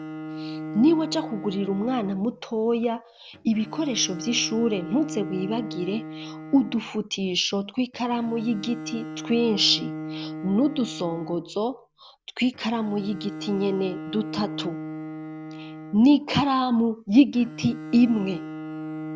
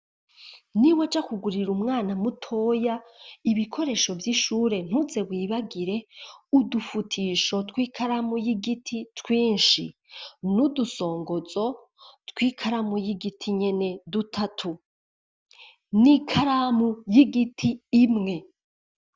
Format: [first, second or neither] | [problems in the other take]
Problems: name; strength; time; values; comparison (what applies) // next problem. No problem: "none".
second | background sound (Bowed string instrument); 11 dB below the speech